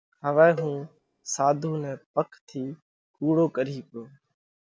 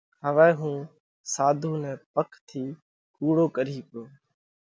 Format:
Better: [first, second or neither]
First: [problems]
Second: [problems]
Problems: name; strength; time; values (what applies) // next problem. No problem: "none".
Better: second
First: background sound (Cowbell); 16 dB below the speech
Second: none